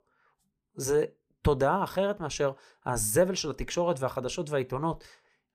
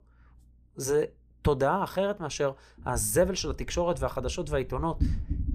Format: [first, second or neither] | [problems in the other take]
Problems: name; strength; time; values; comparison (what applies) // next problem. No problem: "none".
first | low rumble; faint; throughout; 20 dB below the speech